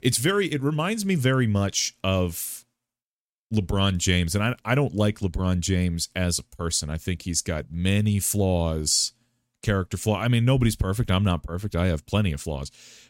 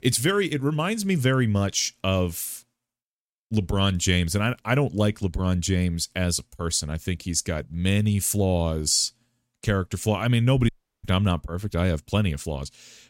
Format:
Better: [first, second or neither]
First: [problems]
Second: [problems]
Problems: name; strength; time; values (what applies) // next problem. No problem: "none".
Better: first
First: none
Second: audio cutting out; at 11 s